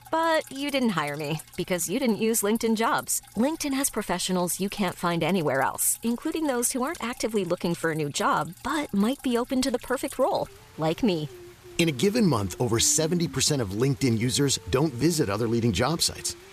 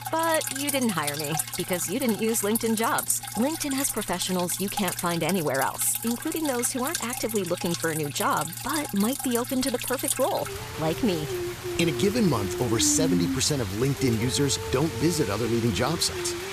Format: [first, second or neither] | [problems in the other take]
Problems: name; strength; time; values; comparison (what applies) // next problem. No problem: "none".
first | rain or running water; loud; throughout; 5 dB below the speech; faint in the first